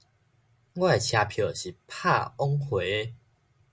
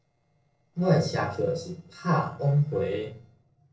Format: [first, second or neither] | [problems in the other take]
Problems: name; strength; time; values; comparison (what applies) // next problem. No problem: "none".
first | noise reduction (neural separator model SepFormer DNS4)